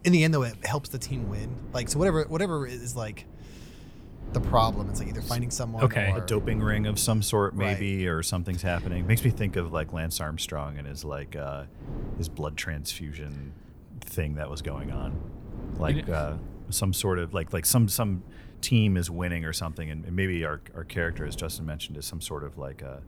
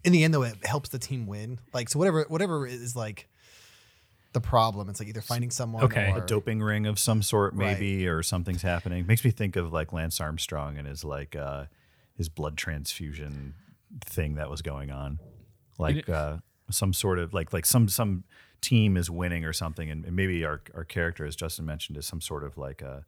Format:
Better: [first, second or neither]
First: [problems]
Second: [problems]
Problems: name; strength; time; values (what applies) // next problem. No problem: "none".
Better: second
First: wind noise on the microphone; occasional gusts; 15 dB below the speech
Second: none